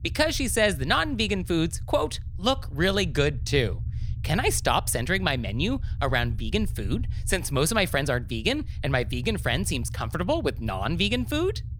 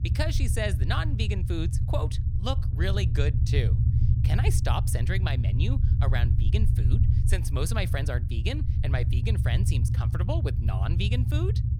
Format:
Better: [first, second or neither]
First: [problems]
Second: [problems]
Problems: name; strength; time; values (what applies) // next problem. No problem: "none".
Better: first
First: low rumble; faint; throughout; 25 dB below the speech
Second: low rumble; loud; throughout; 5 dB below the speech